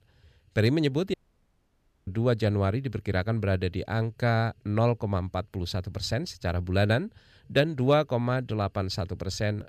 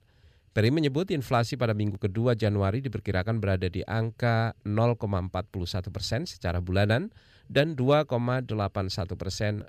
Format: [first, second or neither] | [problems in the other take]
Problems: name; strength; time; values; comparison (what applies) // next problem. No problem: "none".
second | audio cutting out; at 1 s for 1 s